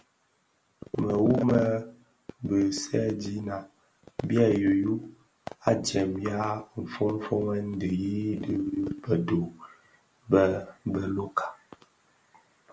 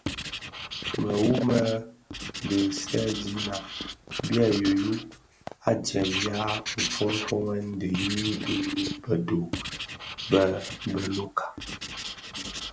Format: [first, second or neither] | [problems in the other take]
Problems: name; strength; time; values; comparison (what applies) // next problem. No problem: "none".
first | background sound (Writing); 8 dB below the speech